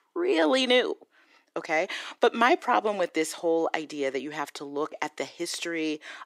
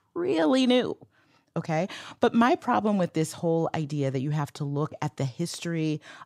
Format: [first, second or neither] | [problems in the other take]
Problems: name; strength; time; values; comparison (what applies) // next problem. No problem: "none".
second | thin; somewhat; fading below 350 Hz